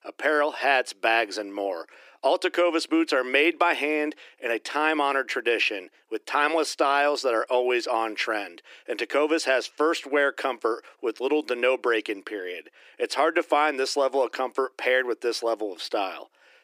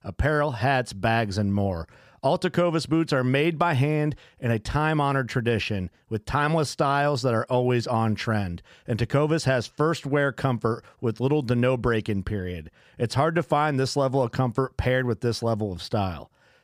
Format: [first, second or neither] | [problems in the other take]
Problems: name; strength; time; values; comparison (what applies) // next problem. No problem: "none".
second | thin; very; fading below 300 Hz